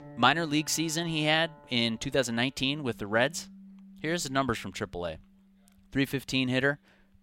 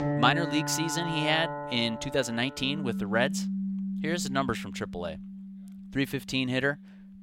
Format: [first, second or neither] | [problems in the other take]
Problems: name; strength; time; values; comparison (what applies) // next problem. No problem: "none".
first | background music; loud; throughout; 6 dB below the speech; faint in the first